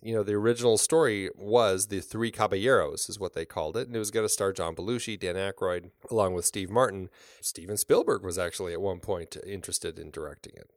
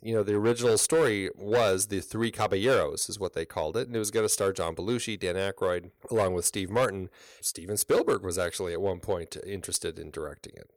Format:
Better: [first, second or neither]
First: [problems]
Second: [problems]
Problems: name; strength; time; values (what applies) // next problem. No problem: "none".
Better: first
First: none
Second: distortion; slight; 4% of the sound clipped